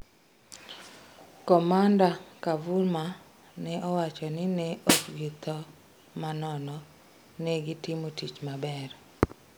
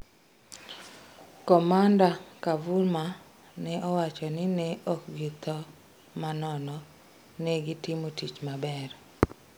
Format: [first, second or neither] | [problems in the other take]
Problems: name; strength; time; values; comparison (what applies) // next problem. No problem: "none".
second | background sound (Snare drum); 1 dB below the speech